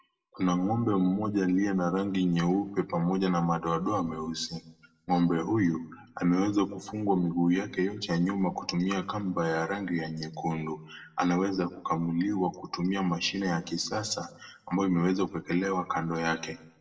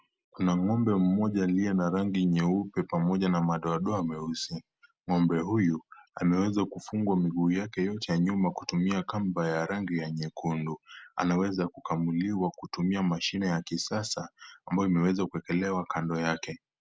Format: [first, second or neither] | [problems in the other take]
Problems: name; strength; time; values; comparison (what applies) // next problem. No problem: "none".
second | room echo; dies away in 0.6 s